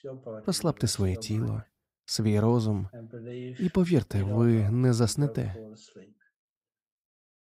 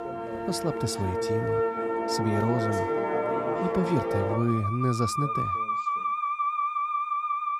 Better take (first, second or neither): first